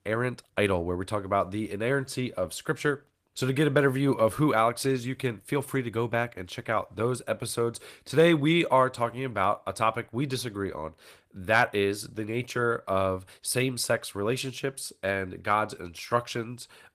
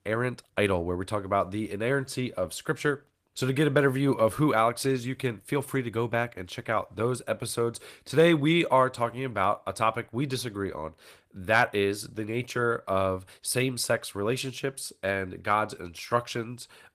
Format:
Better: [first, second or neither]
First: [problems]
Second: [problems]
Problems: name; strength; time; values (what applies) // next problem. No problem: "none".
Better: neither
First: garbled, watery; slightly; nothing above 14.5 kHz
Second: garbled, watery; slightly; nothing above 14.5 kHz